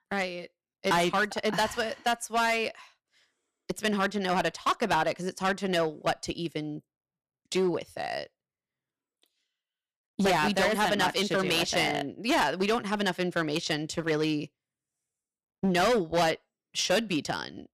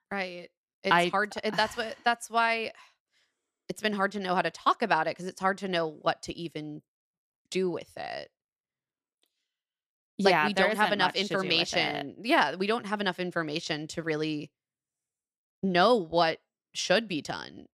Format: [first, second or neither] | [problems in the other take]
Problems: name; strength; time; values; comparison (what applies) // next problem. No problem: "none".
second | distortion; heavy; 7% of the sound clipped